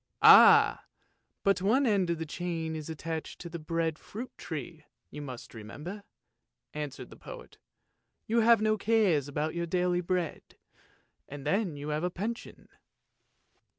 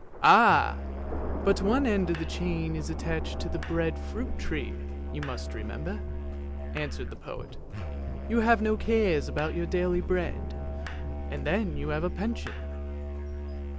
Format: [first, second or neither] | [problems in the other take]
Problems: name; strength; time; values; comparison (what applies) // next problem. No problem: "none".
first | background sound (Thunder + Musical instrument); 4 dB below the speech